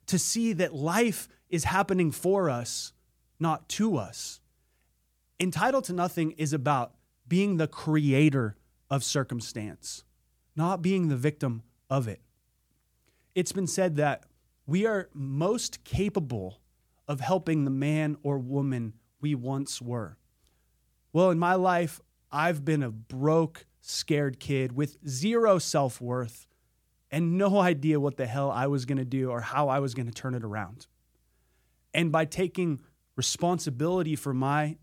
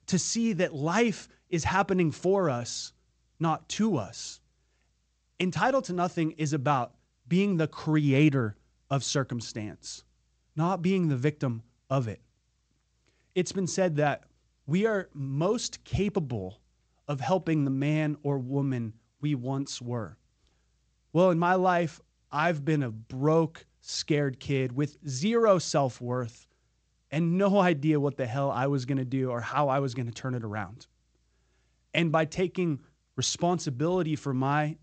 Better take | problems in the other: first | garbled, watery; slightly; nothing above 7.5 kHz

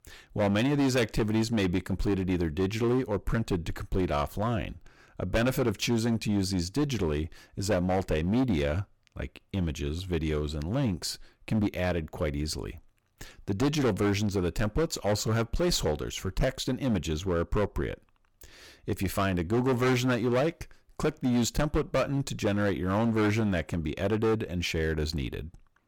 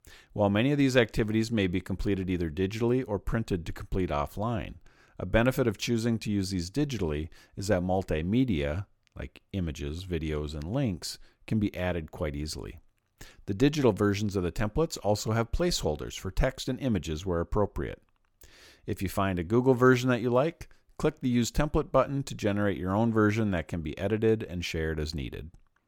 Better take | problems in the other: second | distortion; heavy; 10% of the sound clipped

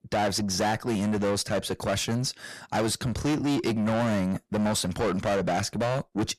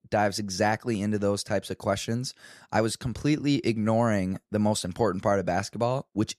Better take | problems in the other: second | distortion; heavy; 6 dB below the speech

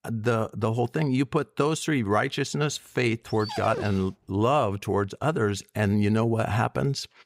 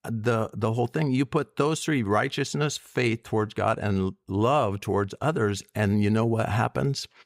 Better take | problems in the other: second | dog barking; noticeable; at 3.5 s; peak 7 dB below the speech

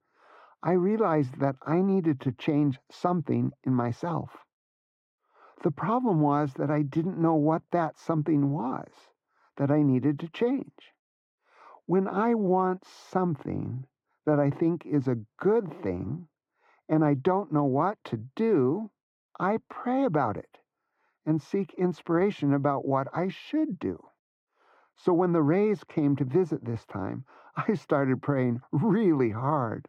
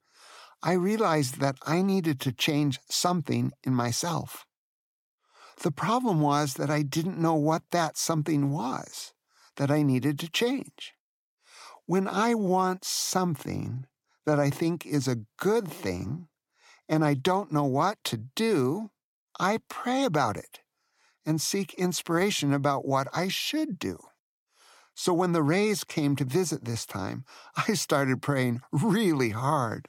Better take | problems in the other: second | muffled; very; fading above 3.5 kHz

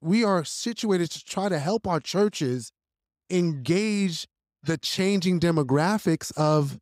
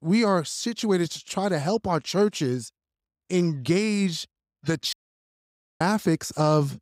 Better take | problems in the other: first | audio cutting out; at 5 s for 1 s

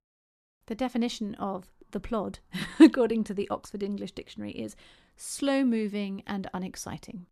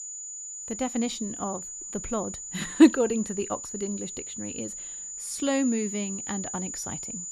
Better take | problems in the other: first | high-pitched whine; loud; throughout; 7 kHz, 7 dB below the speech

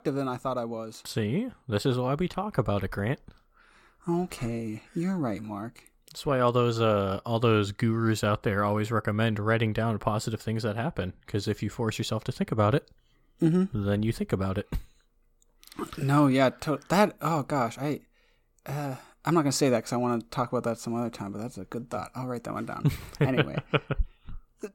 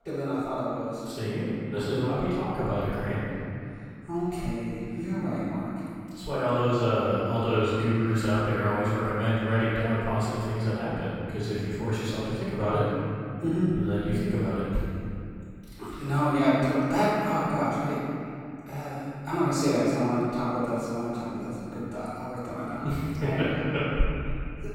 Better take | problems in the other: first | off-mic speech; far // room echo; strong; dies away in 2.6 s

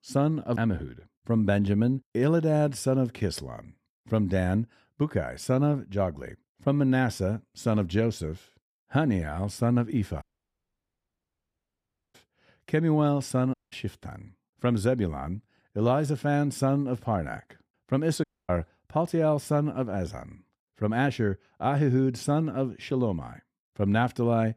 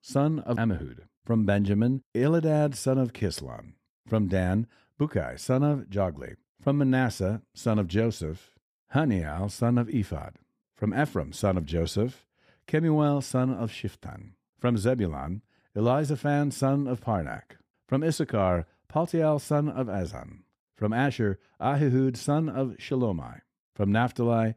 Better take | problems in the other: second | audio cutting out; at 10 s for 2 s, at 14 s and at 18 s

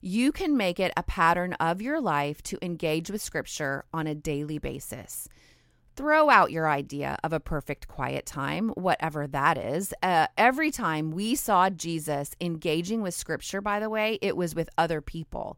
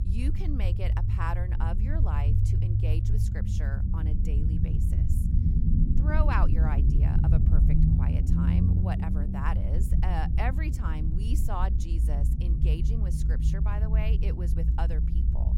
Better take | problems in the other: first | low rumble; loud; throughout; 2 dB below the speech

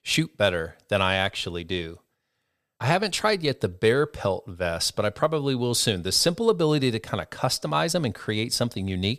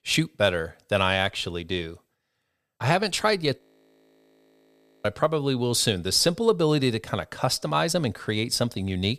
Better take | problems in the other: first | audio freezing; at 3.5 s for 1.5 s

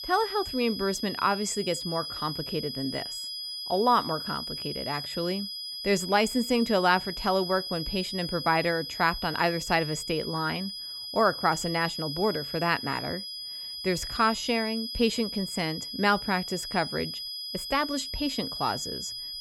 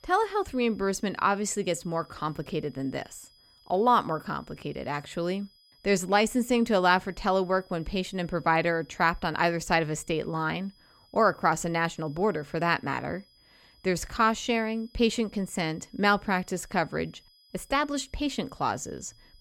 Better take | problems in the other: second | high-pitched whine; loud; throughout; 5 kHz, 6 dB below the speech; faint in the second

